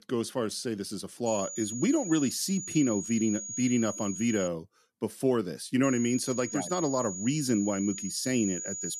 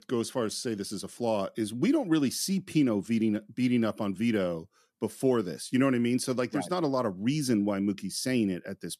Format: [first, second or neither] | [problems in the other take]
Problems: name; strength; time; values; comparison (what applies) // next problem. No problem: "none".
second | high-pitched whine; loud; from 1.5 to 4.5 s and from 6 s on; 6.5 kHz, 7 dB below the speech